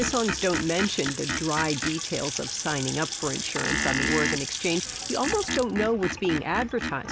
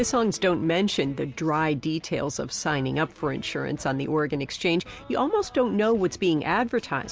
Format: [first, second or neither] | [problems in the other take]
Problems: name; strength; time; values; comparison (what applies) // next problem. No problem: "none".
second | background sound (Screech + Sink (filling or washing) / Water tap, faucet / Splash, splatter); 3 dB below the speech